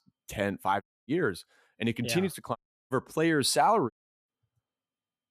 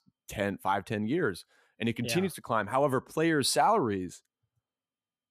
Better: second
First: audio cutting out; at 1 s, at 2.5 s and at 4 s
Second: none

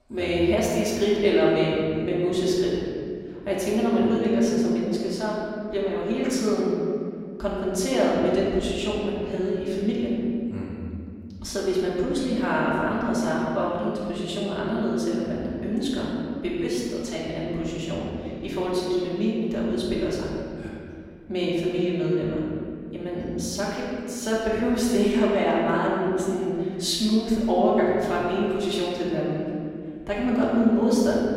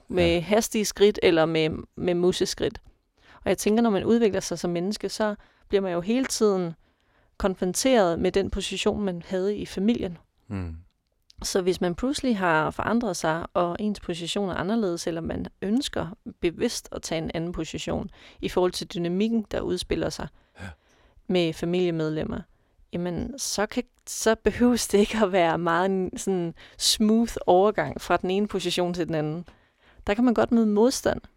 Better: second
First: room echo; strong; dies away in 2.3 s // off-mic speech; far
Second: none

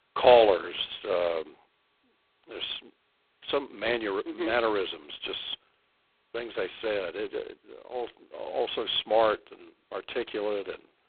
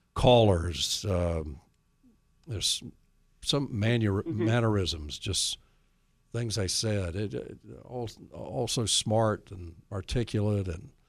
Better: second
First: phone-call audio; poor line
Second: none

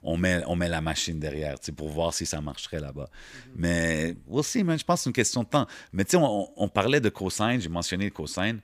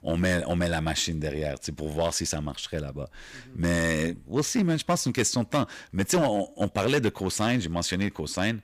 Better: first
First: none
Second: distortion; slight; 4% of the sound clipped

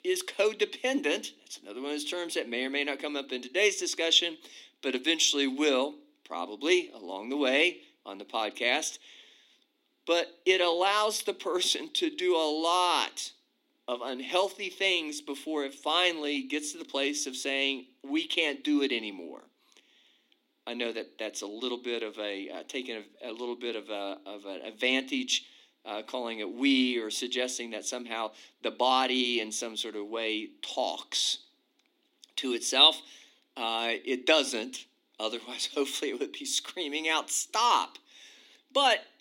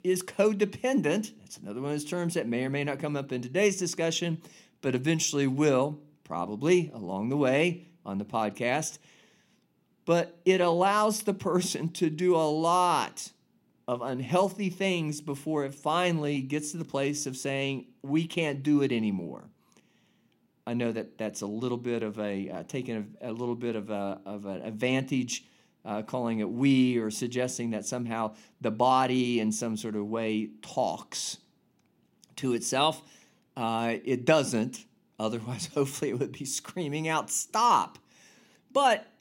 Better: second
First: thin; very slightly; fading below 250 Hz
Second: none

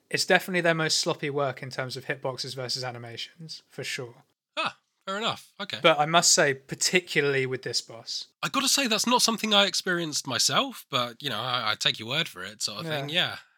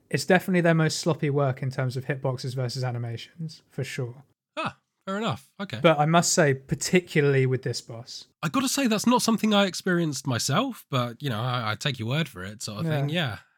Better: second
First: thin; somewhat; fading below 1 kHz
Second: none

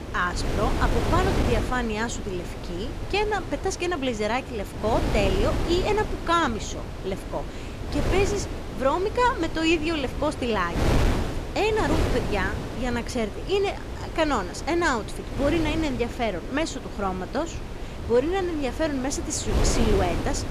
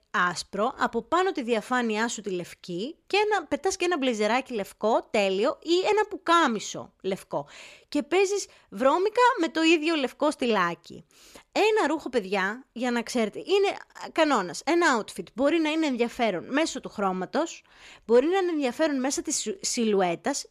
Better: second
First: wind noise on the microphone; heavy; 8 dB below the speech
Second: none

